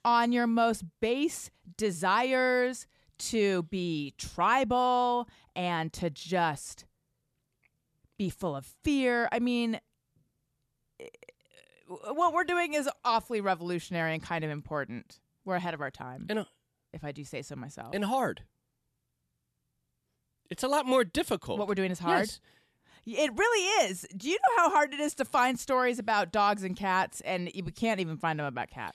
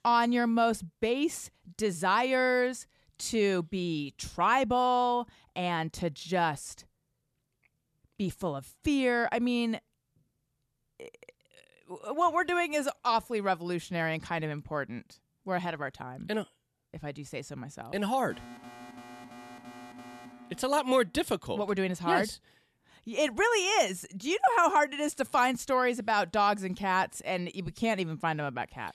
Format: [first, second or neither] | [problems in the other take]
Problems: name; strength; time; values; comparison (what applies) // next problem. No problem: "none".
first | alarm; faint; from 18 to 21 s; peak 15 dB below the speech